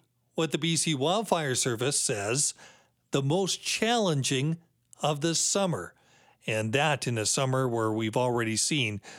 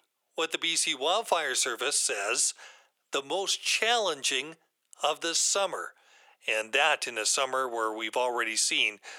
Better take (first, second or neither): first